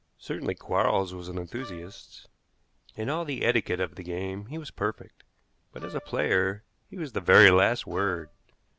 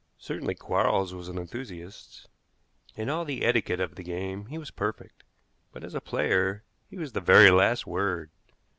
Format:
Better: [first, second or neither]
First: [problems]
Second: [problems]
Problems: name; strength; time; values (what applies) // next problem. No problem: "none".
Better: second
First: background sound (Wind instrument, woodwind instrument); 18 dB below the speech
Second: none